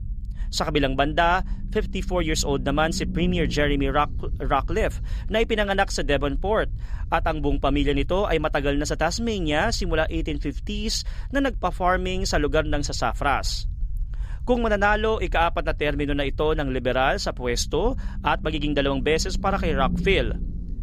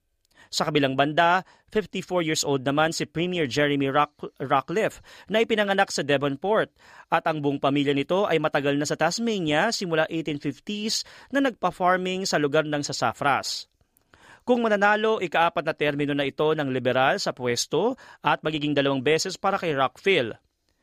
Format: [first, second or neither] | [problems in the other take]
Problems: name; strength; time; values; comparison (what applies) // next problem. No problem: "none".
second | low rumble; faint; throughout; 25 dB below the speech